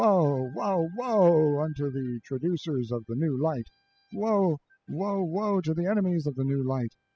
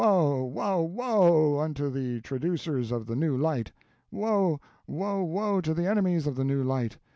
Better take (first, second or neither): second